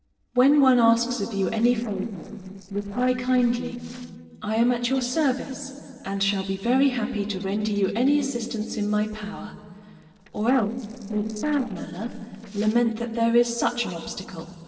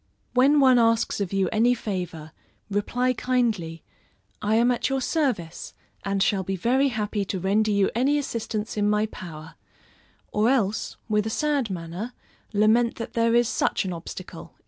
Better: second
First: noise reduction (neural separator model SepFormer DNS4)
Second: none

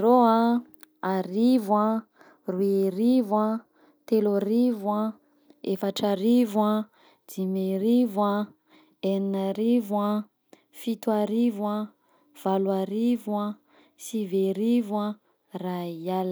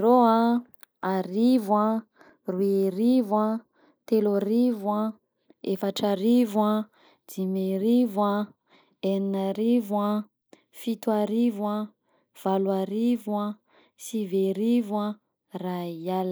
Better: first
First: none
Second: noise reduction (neural mask model Resemble Enhance denoiser)

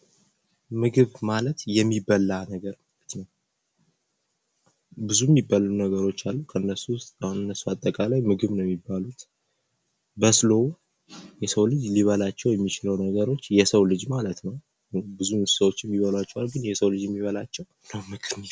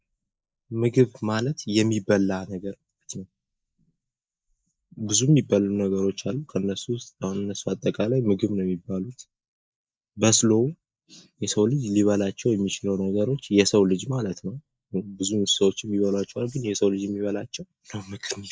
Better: first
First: none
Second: noise reduction (neural mask model Resemble Enhance denoiser)

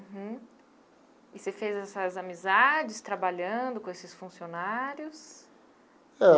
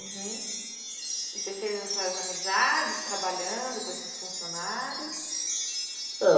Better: first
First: none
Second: background sound (Wind chime); 4 dB below the speech // room echo; dies away in 1.3 s

